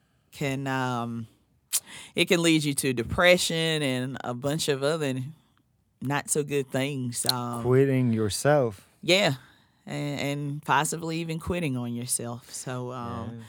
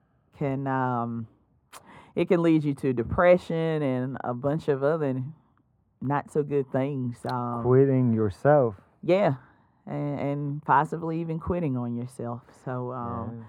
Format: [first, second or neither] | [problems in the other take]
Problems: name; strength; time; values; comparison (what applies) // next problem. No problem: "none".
first | muffled; very; fading above 2 kHz